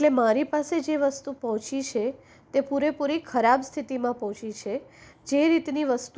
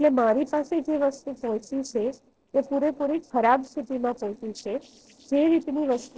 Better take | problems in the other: first | noise reduction (neural separator model SepFormer DNS4)

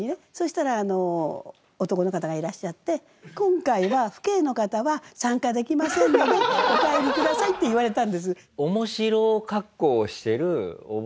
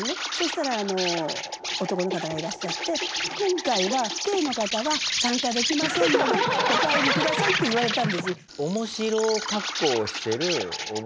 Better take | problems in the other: first | background sound (Insect); 3 dB below the speech

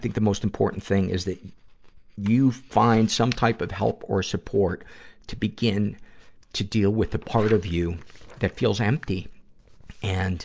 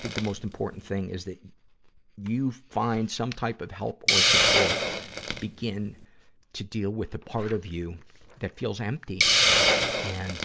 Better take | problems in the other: first | background sound (Hiss); 3 dB above the speech

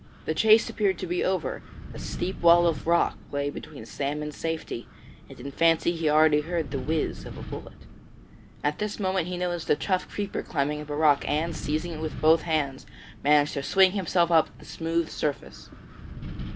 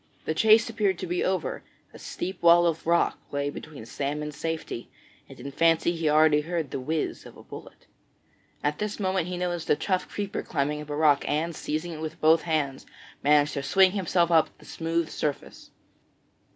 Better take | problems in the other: second | background sound (Wind); 13 dB below the speech

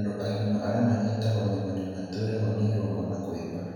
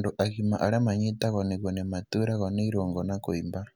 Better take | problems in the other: second | room echo; dies away in 1.8 s

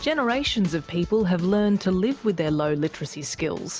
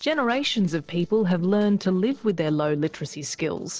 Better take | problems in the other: first | noise reduction (neural separator model SepFormer DNS4)

